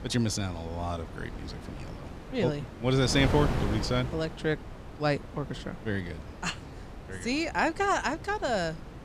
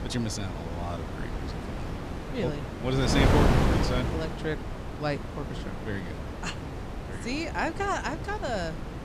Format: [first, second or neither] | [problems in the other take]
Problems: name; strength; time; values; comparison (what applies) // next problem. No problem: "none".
first | wind noise on the microphone; heavy; 2 dB below the speech; occasional gusts in the first